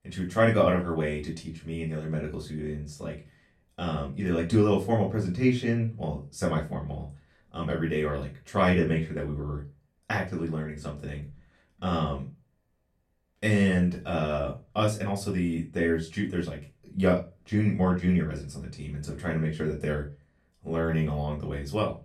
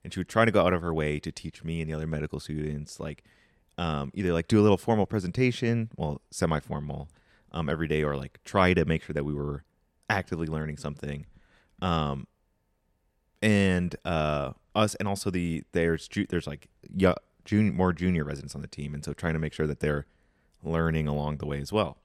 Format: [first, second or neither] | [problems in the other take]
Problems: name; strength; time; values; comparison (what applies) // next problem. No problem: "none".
second | off-mic speech; far // room echo; slight; dies away in 0.2 s